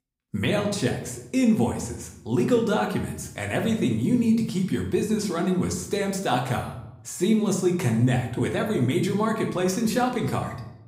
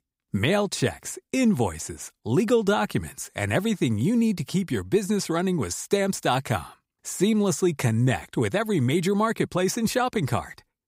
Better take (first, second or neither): second